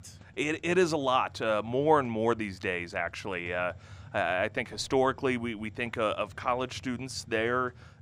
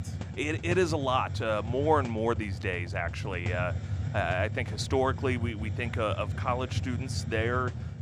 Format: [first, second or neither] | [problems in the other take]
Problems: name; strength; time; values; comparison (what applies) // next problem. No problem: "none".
first | hiss; loud; throughout; 4 dB below the speech; faint in the first